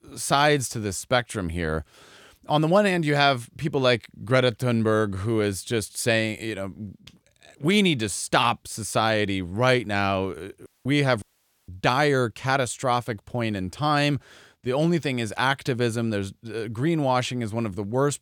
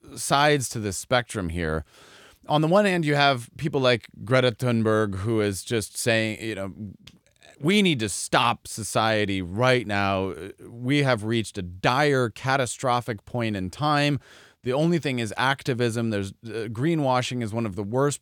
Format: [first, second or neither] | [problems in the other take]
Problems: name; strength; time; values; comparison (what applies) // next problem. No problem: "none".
second | audio cutting out; at 11 s